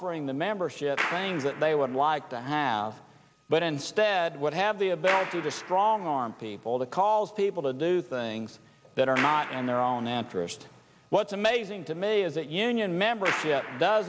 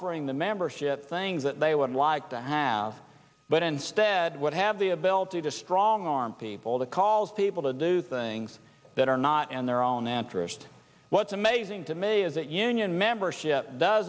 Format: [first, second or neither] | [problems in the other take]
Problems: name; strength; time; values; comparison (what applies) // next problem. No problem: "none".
second | background sound (Clapping); 12 dB below the speech